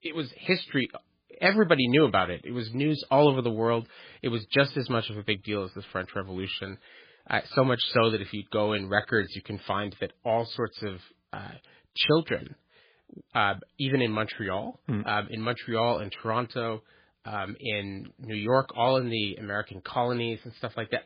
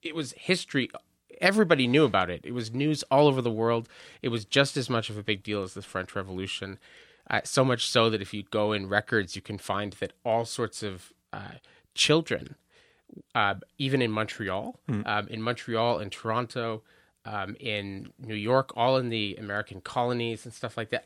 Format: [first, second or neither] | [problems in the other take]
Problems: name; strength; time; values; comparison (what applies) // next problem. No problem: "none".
second | garbled, watery; badly; nothing above 4.5 kHz